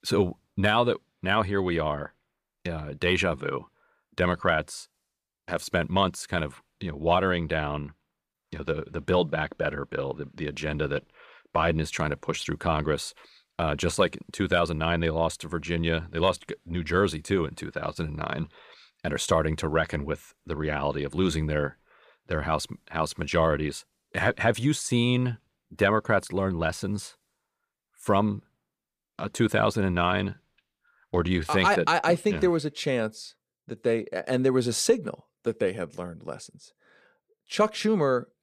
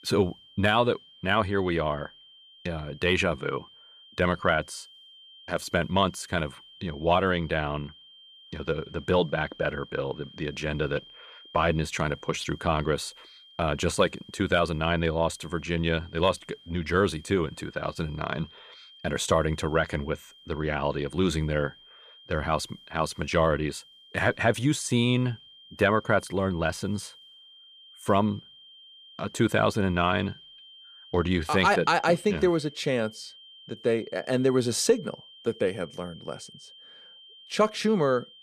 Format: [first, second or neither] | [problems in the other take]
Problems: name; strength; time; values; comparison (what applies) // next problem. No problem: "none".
first | high-pitched whine; faint; throughout; 3 kHz, 20 dB below the speech